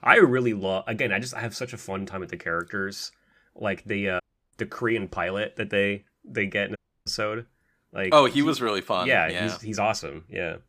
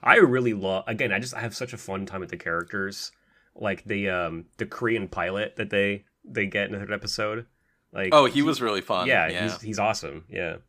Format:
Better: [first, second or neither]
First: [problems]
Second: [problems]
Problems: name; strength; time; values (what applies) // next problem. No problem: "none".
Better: second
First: audio cutting out; at 4 s and at 7 s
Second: none